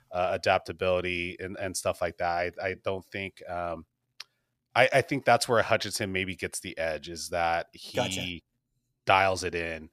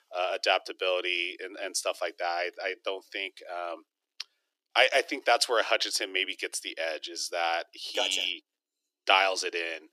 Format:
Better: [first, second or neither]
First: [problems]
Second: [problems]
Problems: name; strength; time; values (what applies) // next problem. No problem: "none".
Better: first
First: none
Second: thin; somewhat; fading below 300 Hz